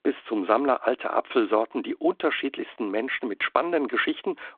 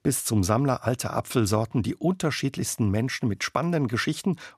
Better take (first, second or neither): second